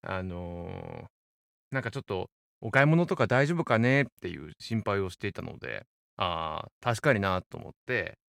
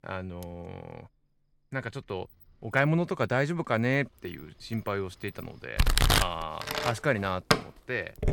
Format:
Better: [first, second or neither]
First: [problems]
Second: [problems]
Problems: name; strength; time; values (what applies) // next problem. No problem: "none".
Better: first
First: none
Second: household noises; very loud; throughout; 3 dB above the speech